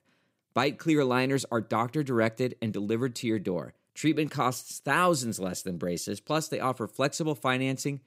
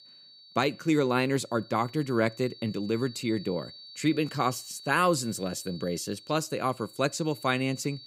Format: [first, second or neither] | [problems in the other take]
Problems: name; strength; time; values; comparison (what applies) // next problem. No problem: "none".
first | high-pitched whine; noticeable; throughout; 4.5 kHz, 20 dB below the speech